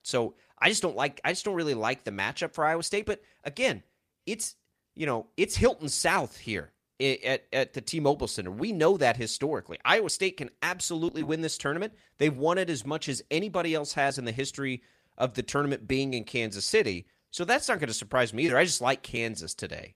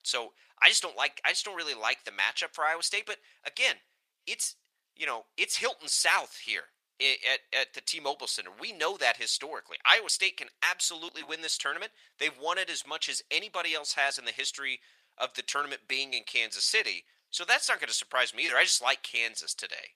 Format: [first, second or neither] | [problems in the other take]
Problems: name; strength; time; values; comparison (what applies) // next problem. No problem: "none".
first | thin; very; fading below 950 Hz